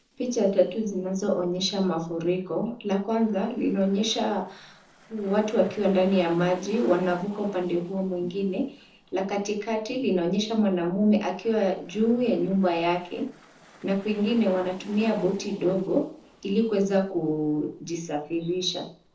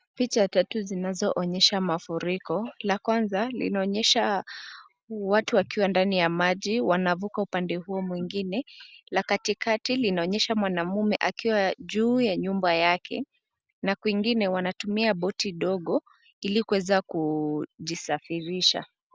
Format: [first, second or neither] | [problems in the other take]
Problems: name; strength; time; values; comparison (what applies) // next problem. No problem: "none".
second | noise reduction (neural separator model SepFormer DNS4)